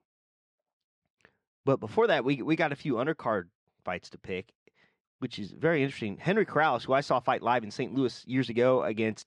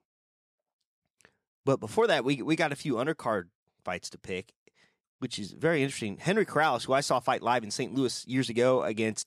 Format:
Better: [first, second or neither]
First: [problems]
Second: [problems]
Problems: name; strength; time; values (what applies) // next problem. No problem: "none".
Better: second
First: muffled; slightly; fading above 3.5 kHz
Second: none